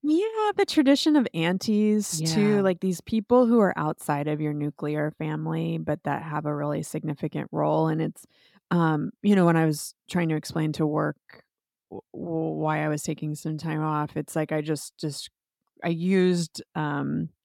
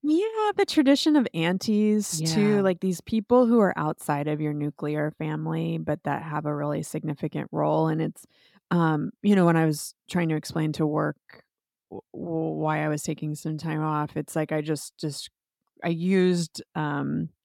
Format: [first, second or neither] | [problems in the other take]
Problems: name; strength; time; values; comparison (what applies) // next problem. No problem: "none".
neither | none